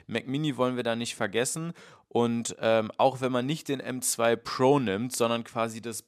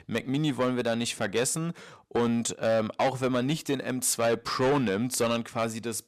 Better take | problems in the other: first | distortion; heavy; 8 dB below the speech

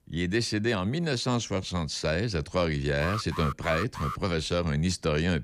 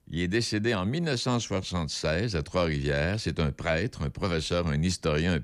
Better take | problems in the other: second | alarm; noticeable; from 3 to 4 s; peak 7 dB below the speech

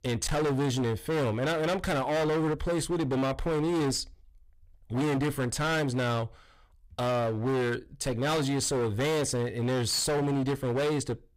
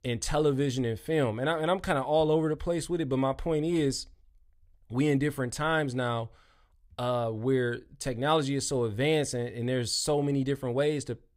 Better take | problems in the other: second | distortion; heavy; 28% of the sound clipped

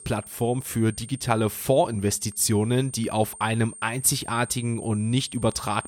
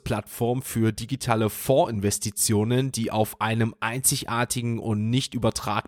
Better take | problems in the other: second | high-pitched whine; noticeable; throughout; 8.5 kHz, 15 dB below the speech

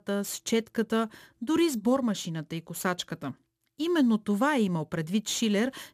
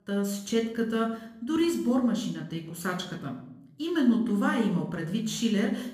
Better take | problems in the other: first | room echo; slight; dies away in 0.7 s // off-mic speech; somewhat distant

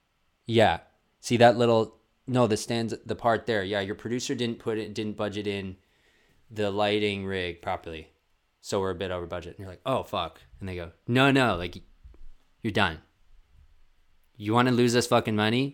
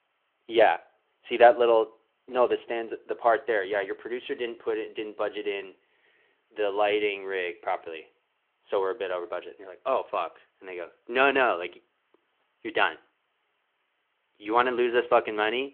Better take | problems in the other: first | phone-call audio

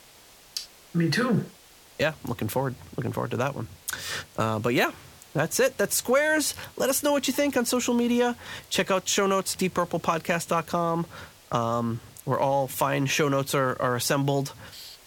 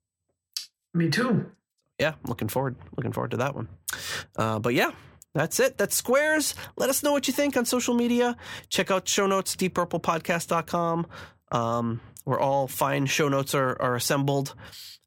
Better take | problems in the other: second | hiss; faint; throughout; 25 dB below the speech

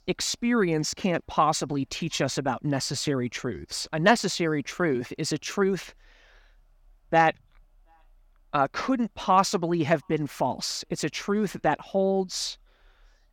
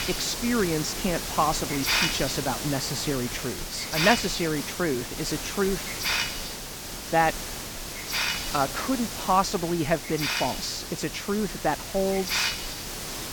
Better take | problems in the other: first | hiss; loud; throughout; 2 dB below the speech

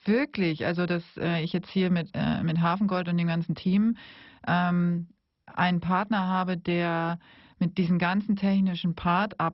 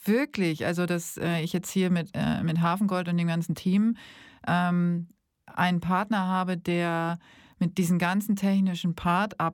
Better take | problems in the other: second | garbled, watery; badly; nothing above 5.5 kHz

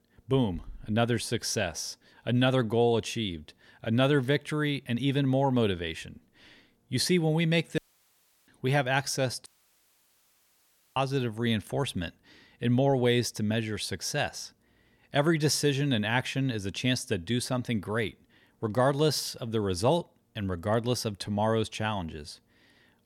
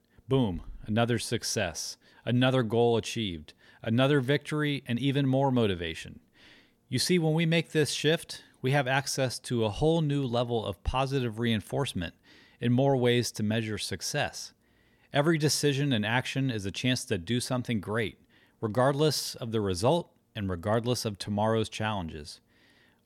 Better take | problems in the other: second | audio cutting out; at 8 s for 0.5 s and at 9.5 s for 1.5 s

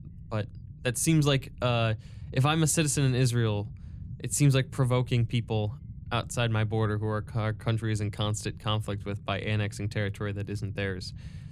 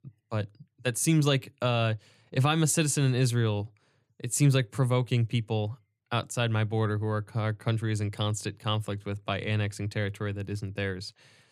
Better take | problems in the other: second | low rumble; faint; throughout; 25 dB below the speech

